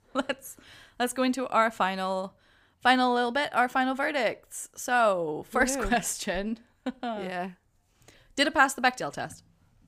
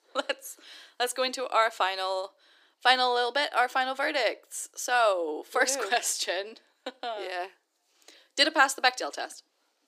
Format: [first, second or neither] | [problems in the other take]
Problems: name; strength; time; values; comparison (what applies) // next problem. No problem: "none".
first | thin; somewhat; fading below 300 Hz